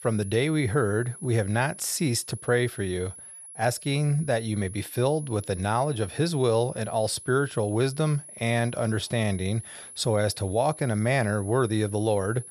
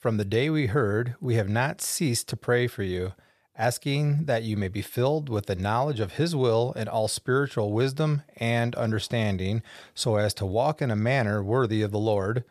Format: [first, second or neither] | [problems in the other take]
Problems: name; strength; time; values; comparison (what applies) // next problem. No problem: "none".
second | high-pitched whine; noticeable; throughout; 10.5 kHz, 15 dB below the speech